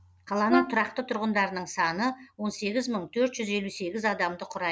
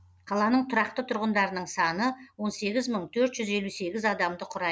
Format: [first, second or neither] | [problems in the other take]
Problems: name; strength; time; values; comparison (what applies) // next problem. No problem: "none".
second | background sound (Brass instrument); 3 dB below the speech